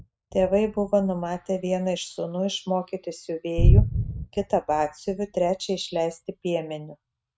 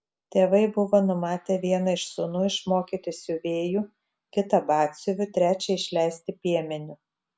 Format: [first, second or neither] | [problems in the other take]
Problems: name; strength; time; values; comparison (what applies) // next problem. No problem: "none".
second | noise reduction (neural mask model RNNoise)